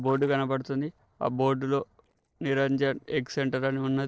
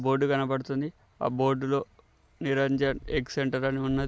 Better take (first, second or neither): second